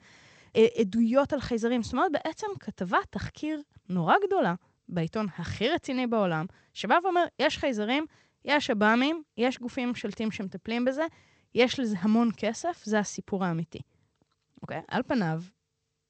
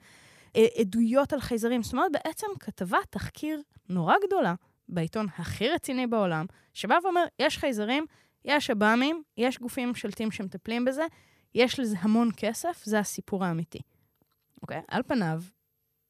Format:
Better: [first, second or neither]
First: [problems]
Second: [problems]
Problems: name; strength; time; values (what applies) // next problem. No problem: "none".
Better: second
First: garbled, watery; slightly; nothing above 7.5 kHz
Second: none